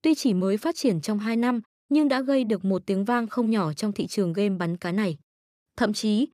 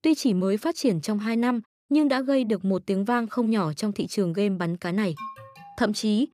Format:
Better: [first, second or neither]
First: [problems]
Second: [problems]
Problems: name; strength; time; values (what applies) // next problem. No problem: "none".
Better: first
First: none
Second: alarm; faint; at 5 s; peak 15 dB below the speech